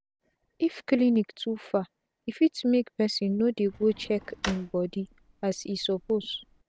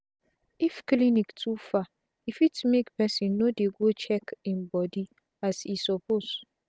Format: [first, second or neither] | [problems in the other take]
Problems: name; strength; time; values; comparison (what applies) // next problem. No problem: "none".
second | background sound (Drawer open or close); 16 dB below the speech